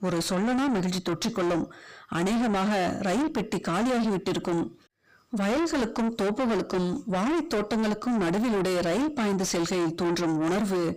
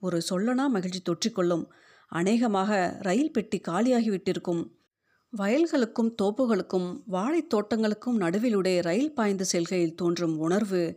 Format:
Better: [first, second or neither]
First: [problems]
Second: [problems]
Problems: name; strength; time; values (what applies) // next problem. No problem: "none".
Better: second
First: distortion; heavy; 6 dB below the speech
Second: none